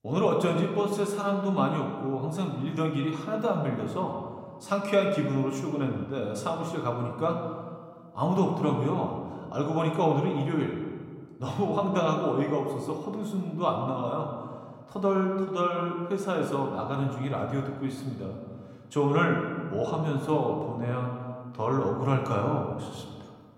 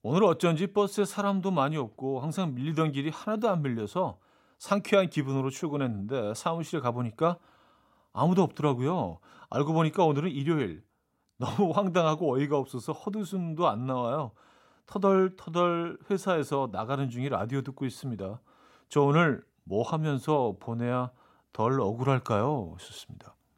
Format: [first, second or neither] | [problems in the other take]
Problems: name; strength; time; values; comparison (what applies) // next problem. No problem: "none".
second | room echo; slight; dies away in 1.4 s // off-mic speech; somewhat distant